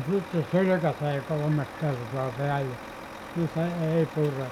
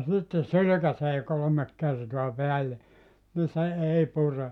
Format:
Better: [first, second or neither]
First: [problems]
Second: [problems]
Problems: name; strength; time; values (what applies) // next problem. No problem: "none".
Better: second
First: background sound (Truck); 13 dB below the speech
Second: none